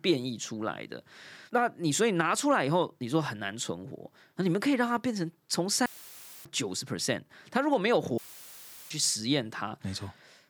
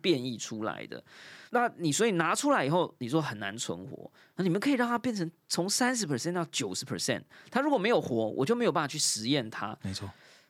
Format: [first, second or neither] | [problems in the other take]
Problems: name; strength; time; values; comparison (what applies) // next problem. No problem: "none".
second | audio cutting out; filled with static; at 6 s for 0.5 s and at 8 s for 0.5 s